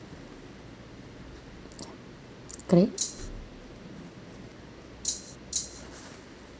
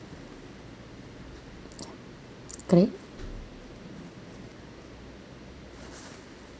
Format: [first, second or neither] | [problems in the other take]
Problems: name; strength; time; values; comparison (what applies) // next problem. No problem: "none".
second | background sound (Rattle (instrument)); as loud as the speech